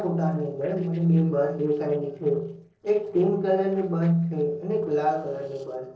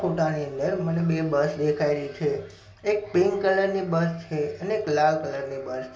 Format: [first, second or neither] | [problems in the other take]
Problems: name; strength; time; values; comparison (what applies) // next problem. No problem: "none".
second | noise reduction (neural separator model SepFormer DNS4)